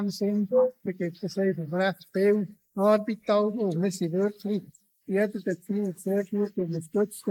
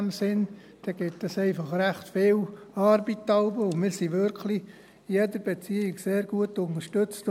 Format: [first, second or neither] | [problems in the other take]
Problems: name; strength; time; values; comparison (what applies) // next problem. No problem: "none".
second | noise reduction (neural mask model Resemble Enhance denoiser)